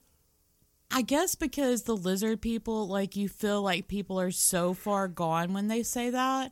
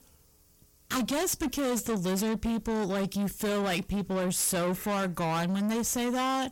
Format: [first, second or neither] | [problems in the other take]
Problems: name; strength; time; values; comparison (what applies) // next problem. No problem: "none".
first | distortion; heavy; 7 dB below the speech